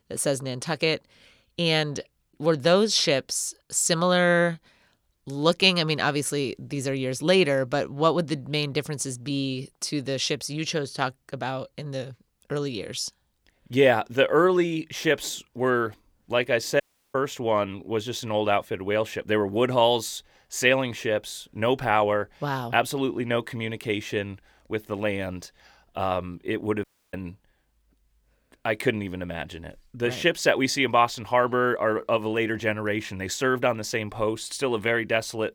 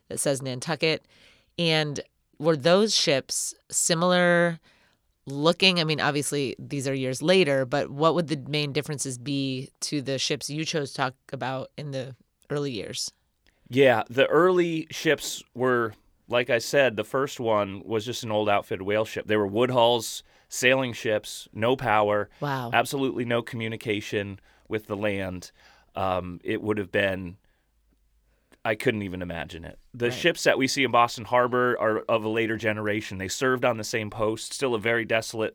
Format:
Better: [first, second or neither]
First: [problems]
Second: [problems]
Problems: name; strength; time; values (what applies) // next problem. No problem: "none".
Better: second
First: audio cutting out; at 17 s and at 27 s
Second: none